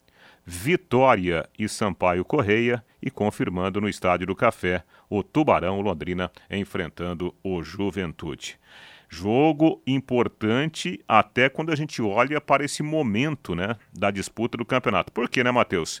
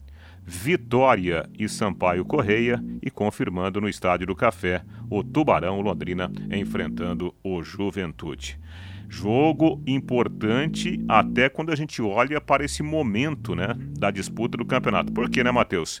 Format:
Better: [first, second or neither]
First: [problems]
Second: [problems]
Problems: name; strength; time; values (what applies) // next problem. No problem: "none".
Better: first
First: none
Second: low rumble; noticeable; throughout; 15 dB below the speech